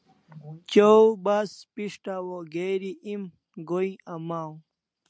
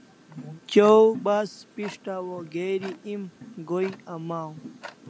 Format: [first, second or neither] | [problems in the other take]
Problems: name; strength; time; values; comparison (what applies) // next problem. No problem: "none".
first | background sound (Tick-tock); 19 dB below the speech